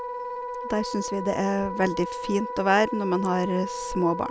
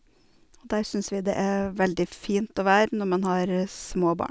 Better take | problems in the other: second | background sound (Wind instrument, woodwind instrument); 7 dB below the speech

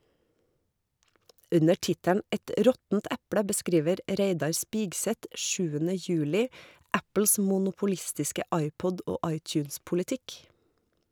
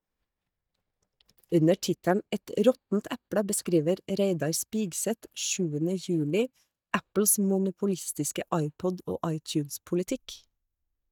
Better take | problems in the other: first | noise reduction (neural mask model DeepFilterNet 3)

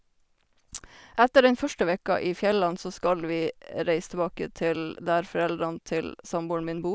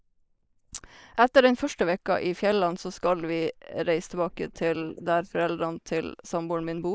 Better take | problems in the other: first | noise reduction (neural mask model Resemble Enhance denoiser)

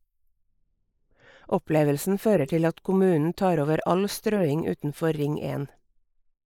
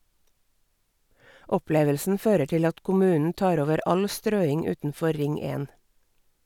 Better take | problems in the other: second | noise reduction (neural mask model Resemble Enhance denoiser)

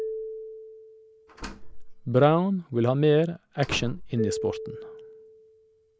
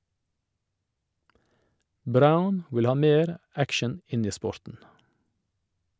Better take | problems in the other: second | background sound (Marimba, xylophone + Slam); 10 dB below the speech

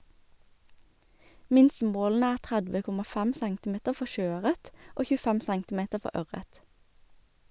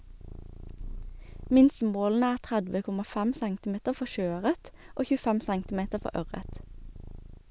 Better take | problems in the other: first | background sound (Purr); 15 dB below the speech

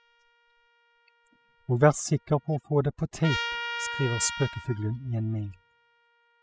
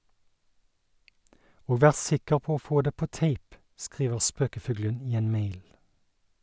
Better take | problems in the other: second | noise reduction (classical method spectral subtraction)

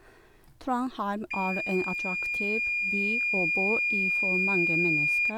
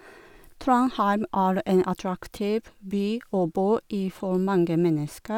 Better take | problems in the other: second | background sound (Microwave oven / Alarm); 4 dB above the speech

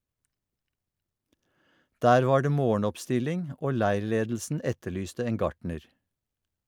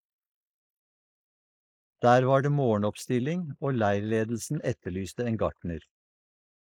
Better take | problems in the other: first | noise reduction (neural mask model Resemble Enhance denoiser)

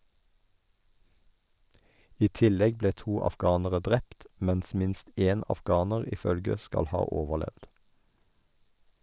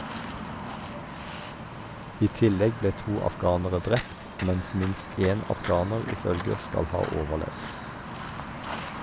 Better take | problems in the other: first | background sound (Walk, footsteps); 8 dB below the speech

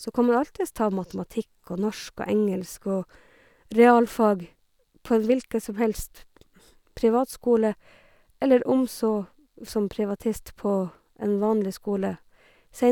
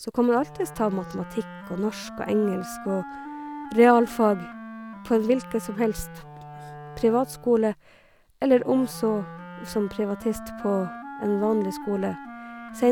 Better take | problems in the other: first | background sound (Wind instrument, woodwind instrument); 14 dB below the speech

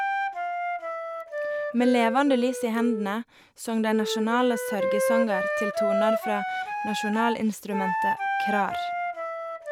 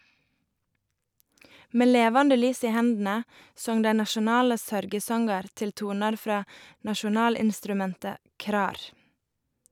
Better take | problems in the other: second | background sound (Wind instrument, woodwind instrument); 1 dB below the speech

